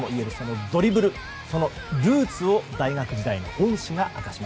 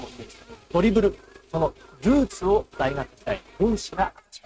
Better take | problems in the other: first | noise reduction (neural mask model RNNoise)

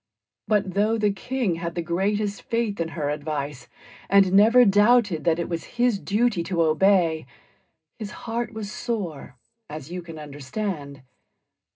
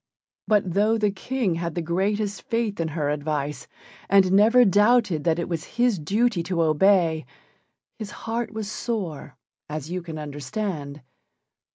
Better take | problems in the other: second | room echo; dies away in 0.2 s

